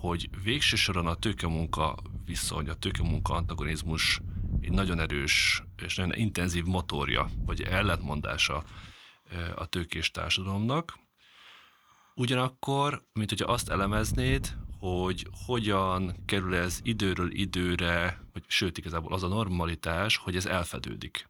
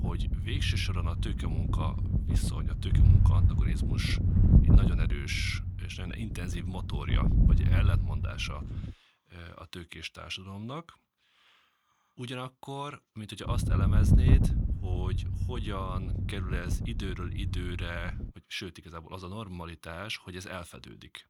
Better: first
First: wind noise on the microphone; occasional gusts; until 9 s and from 13 to 18 s; 25 dB below the speech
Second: wind noise on the microphone; heavy; until 9 s and from 13 to 18 s; 2 dB below the speech

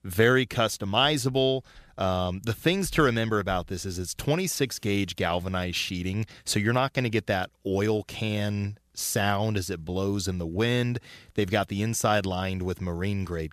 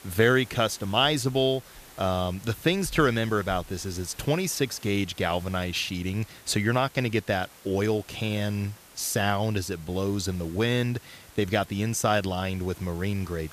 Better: first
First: none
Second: hiss; faint; throughout; 20 dB below the speech

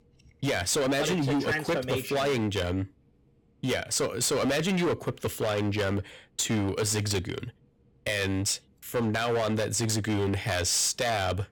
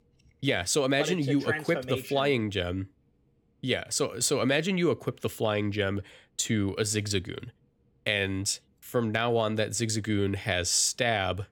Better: second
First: distortion; heavy; 18% of the sound clipped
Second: none

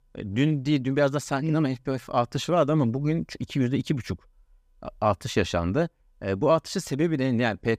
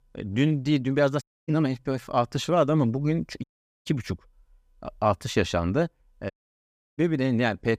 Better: first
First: none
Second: audio cutting out; at 1 s, at 3.5 s and at 6.5 s for 0.5 s

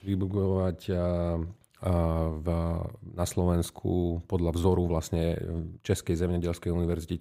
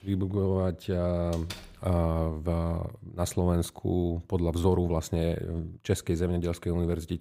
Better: first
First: none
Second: door banging; faint; at 1.5 s; peak 15 dB below the speech

